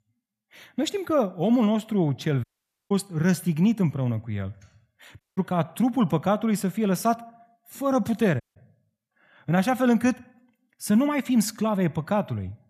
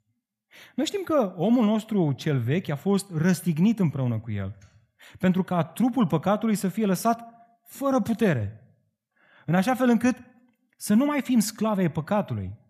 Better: second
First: audio cutting out; at 2.5 s, at 5 s and at 8.5 s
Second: none

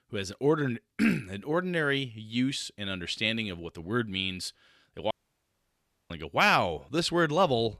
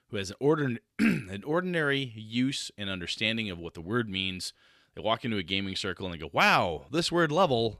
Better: second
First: audio cutting out; at 5 s for 1 s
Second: none

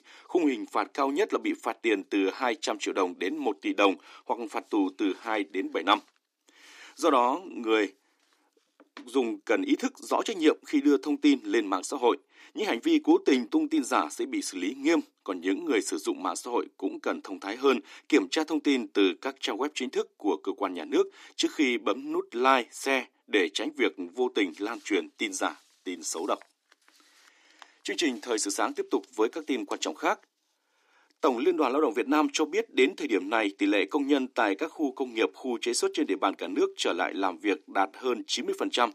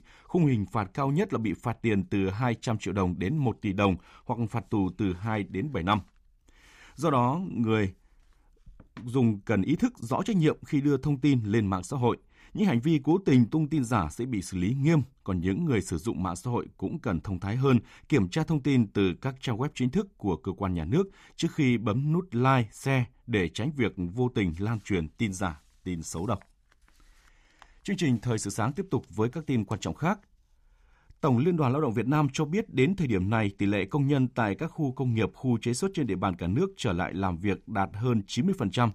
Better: second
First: thin; somewhat; fading below 300 Hz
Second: none

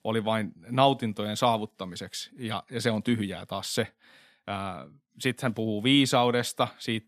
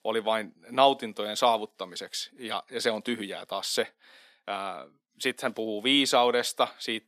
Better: first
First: none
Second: thin; somewhat; fading below 400 Hz

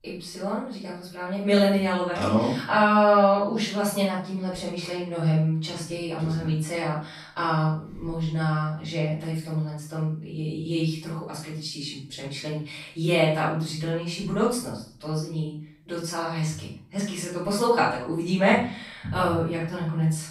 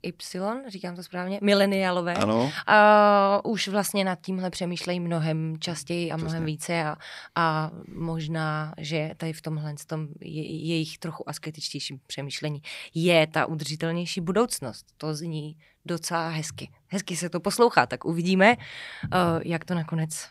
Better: second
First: off-mic speech; far // room echo; noticeable; dies away in 0.4 s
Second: none

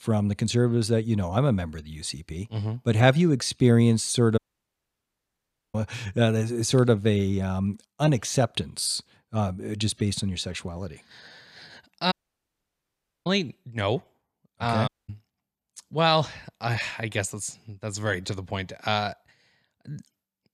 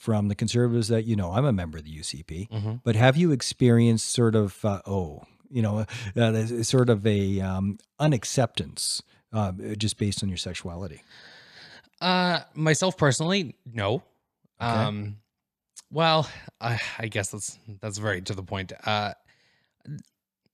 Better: second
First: audio cutting out; at 4.5 s for 1.5 s, at 12 s for 1 s and at 15 s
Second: none

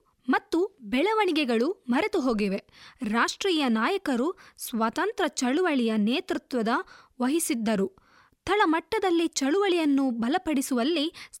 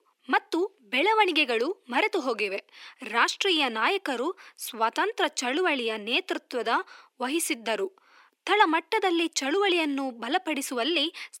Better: first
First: none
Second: thin; somewhat; fading below 300 Hz

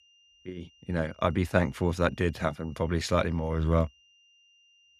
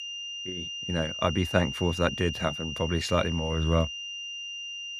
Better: first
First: high-pitched whine; faint; throughout; 3 kHz, 30 dB below the speech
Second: high-pitched whine; loud; throughout; 3 kHz, 6 dB below the speech

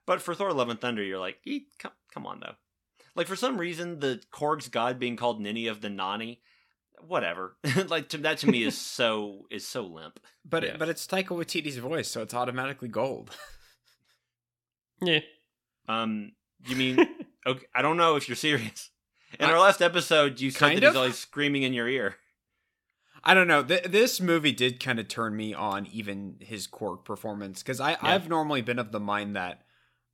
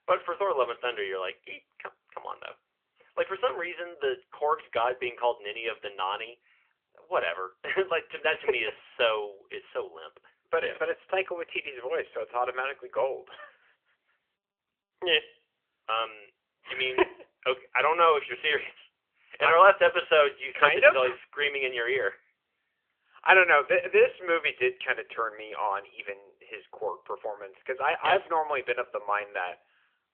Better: first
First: none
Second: phone-call audio; nothing above 3.5 kHz

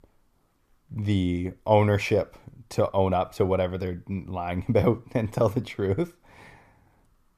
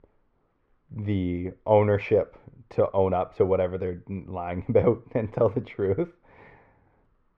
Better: first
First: none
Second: muffled; very; fading above 2 kHz

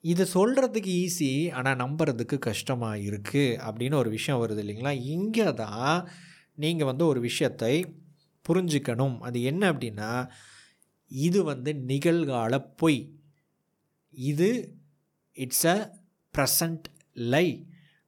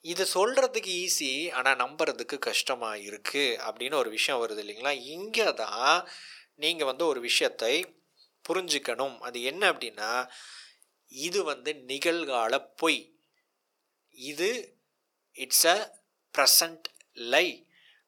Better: first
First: none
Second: thin; very; fading below 450 Hz

